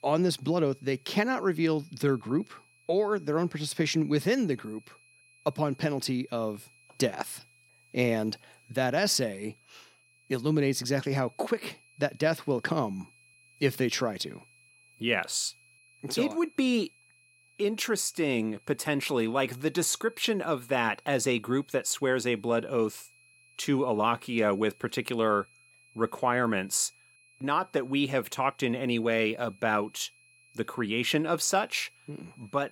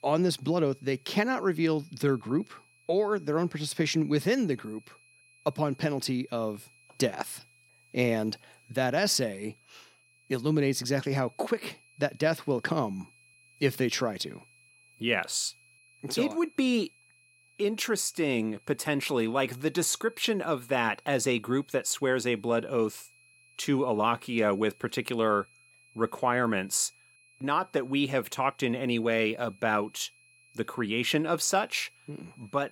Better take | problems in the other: neither | high-pitched whine; faint; throughout; 2.5 kHz, 30 dB below the speech; the same in both

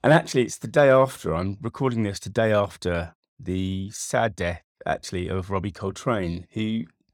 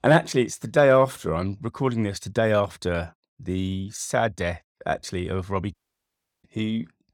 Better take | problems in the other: first | audio cutting out; at 5.5 s for 0.5 s

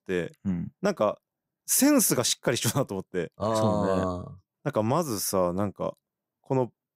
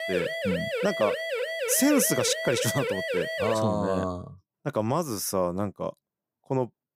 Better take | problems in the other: first | siren; noticeable; until 3.5 s; peak 1 dB below the speech

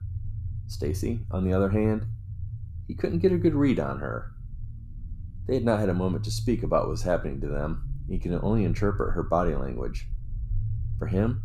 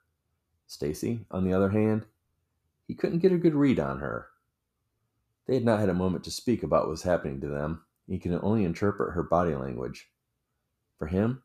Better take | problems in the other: second | low rumble; faint; throughout; 20 dB below the speech

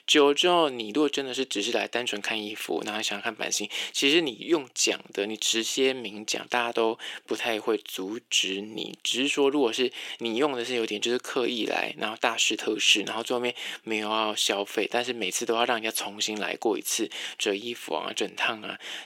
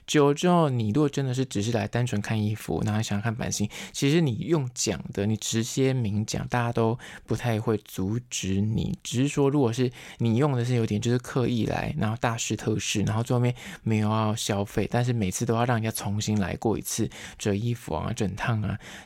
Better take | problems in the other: second | thin; somewhat; fading below 300 Hz

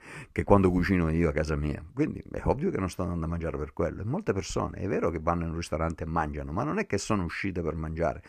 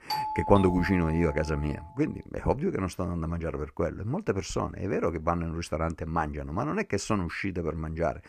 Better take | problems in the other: first | doorbell; noticeable; until 1.5 s; peak 2 dB below the speech

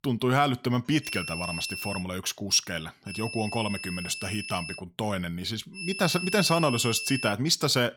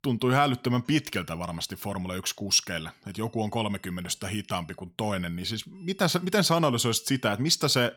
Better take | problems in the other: second | high-pitched whine; loud; at 1 s, from 3 to 5 s and from 6 to 7.5 s; 2.5 kHz, 7 dB below the speech; faint in the second

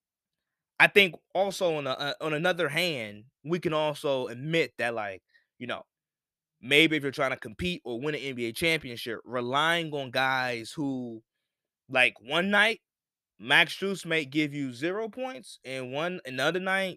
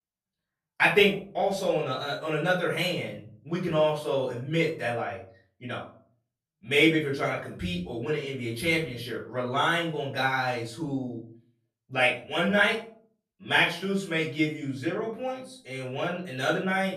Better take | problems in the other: first | off-mic speech; far // room echo; slight; dies away in 0.4 s

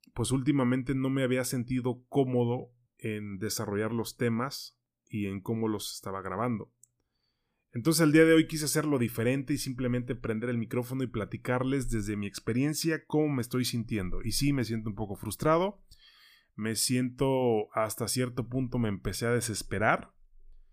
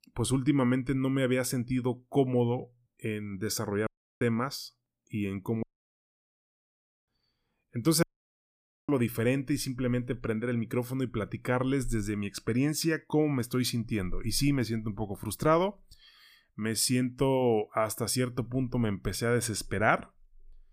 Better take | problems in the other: first | audio cutting out; at 4 s, at 5.5 s for 1.5 s and at 8 s for 1 s

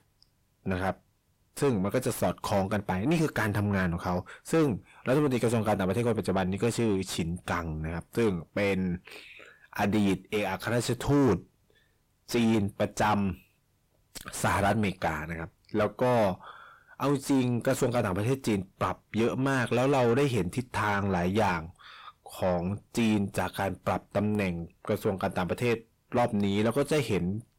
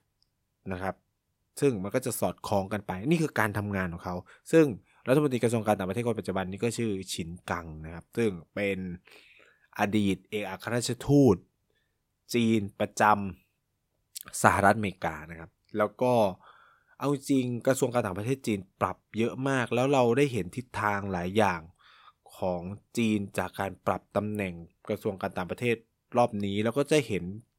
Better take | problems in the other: second | distortion; heavy; 6 dB below the speech

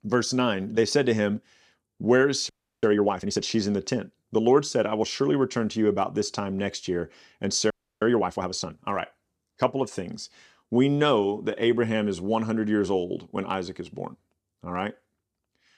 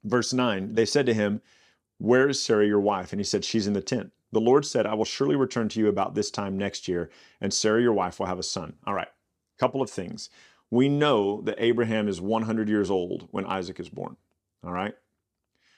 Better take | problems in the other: second | audio freezing; at 2.5 s and at 7.5 s

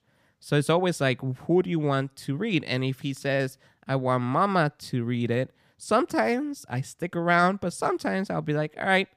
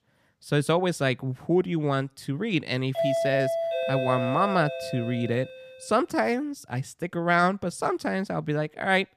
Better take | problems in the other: first | doorbell; loud; from 3 to 5.5 s; peak 1 dB above the speech

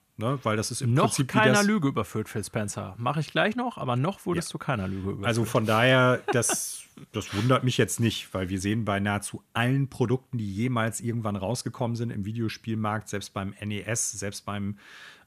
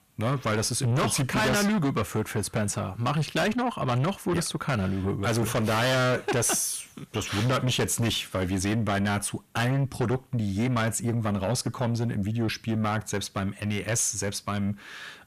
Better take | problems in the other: first | distortion; heavy; 6 dB below the speech

